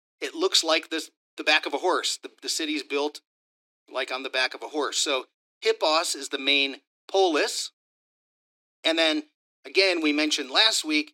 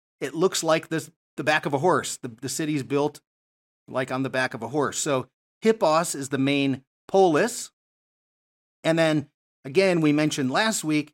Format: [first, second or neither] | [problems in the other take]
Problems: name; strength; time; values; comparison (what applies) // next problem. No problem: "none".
second | thin; very slightly; fading below 300 Hz